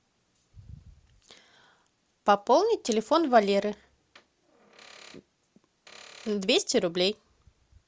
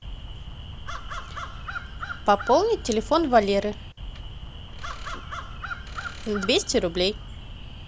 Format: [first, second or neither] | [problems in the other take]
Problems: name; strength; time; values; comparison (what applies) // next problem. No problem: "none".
first | background sound (Crow); 9 dB below the speech